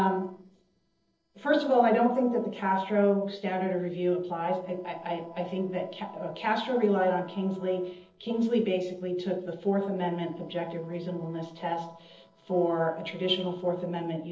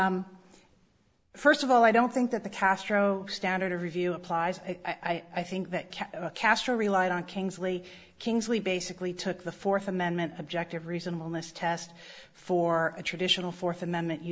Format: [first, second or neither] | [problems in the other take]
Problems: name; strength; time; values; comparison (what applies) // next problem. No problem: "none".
second | noise reduction (neural separator model SepFormer DNS4)